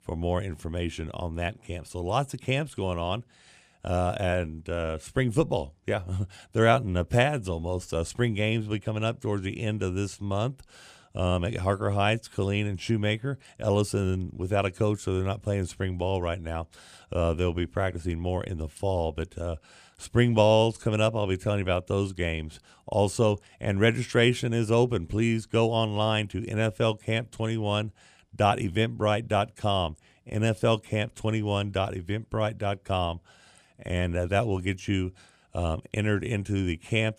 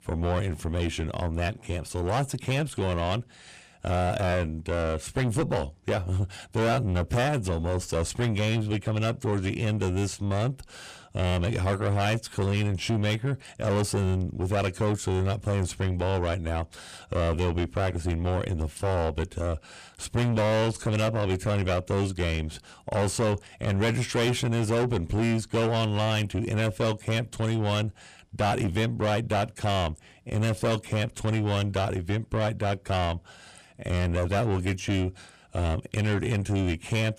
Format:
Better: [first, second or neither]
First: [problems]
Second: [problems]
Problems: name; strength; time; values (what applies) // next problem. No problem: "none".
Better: first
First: none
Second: distortion; heavy; 6 dB below the speech